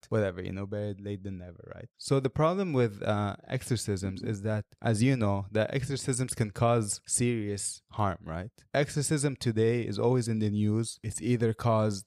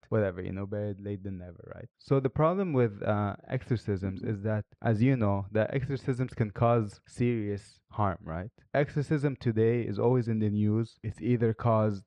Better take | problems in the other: first | muffled; very; fading above 2 kHz

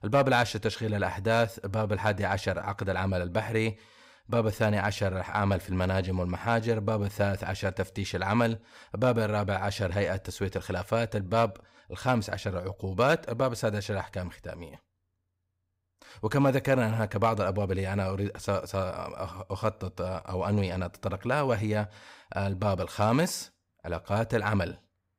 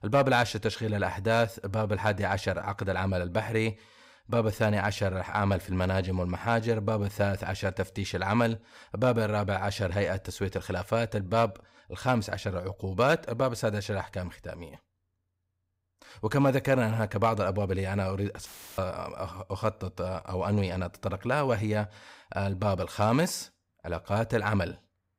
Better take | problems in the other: first | audio cutting out; filled with static; at 18 s

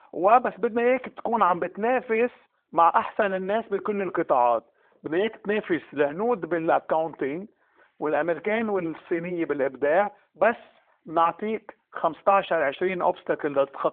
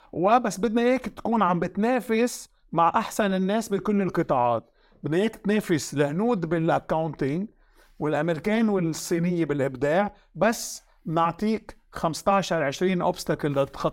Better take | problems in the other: second | phone-call audio

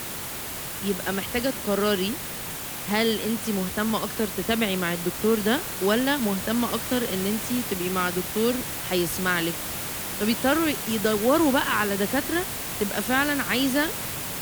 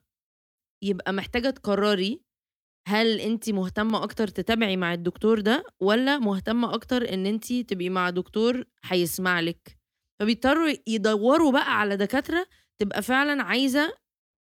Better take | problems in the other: second | hiss; loud; throughout; 4 dB below the speech

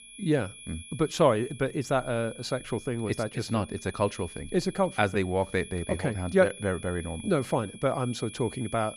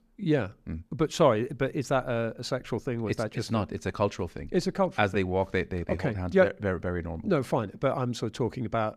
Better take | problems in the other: second | high-pitched whine; noticeable; throughout; 10.5 kHz, 15 dB below the speech

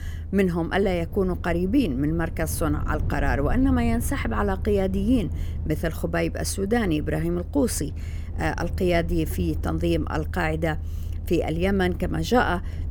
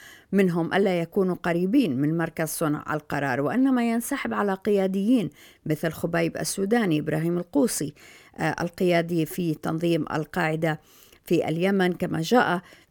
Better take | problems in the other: second | low rumble; noticeable; throughout; 20 dB below the speech

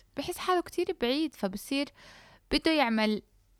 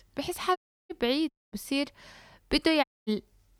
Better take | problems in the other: first | audio cutting out; at 0.5 s, at 1.5 s and at 3 s

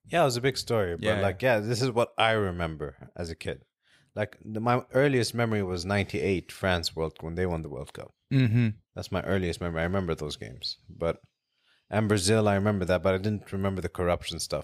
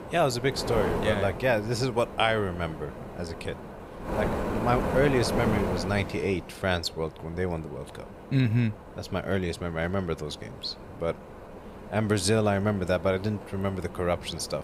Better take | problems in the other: first | wind noise on the microphone; heavy; 8 dB below the speech

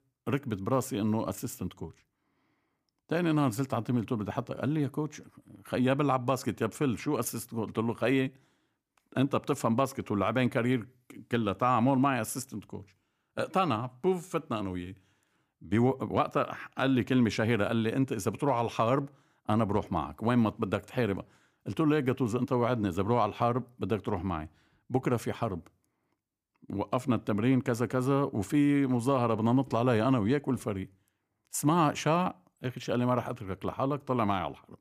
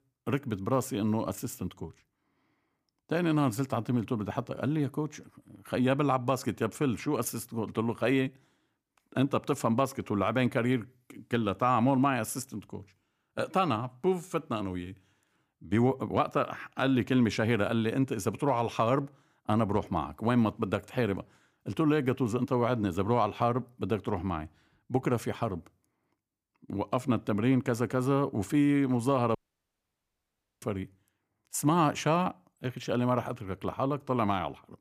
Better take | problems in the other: first | audio cutting out; at 29 s for 1.5 s

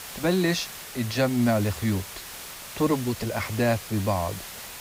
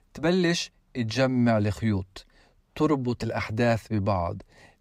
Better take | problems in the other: second | hiss; noticeable; throughout; 10 dB below the speech

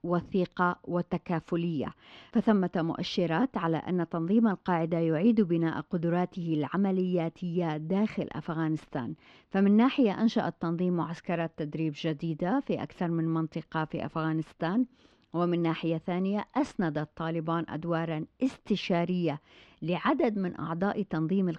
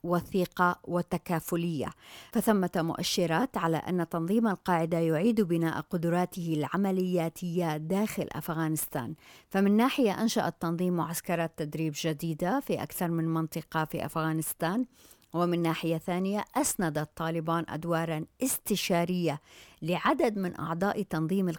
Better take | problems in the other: second | muffled; slightly; fading above 4.5 kHz

